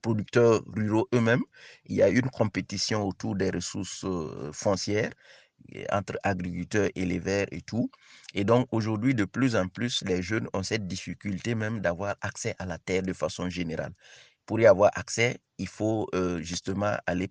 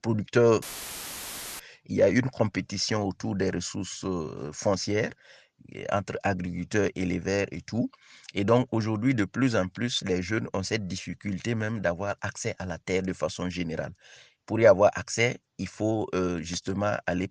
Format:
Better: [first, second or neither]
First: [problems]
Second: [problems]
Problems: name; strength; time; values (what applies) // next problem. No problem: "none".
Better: first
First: none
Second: audio cutting out; filled with static; at 0.5 s for 1 s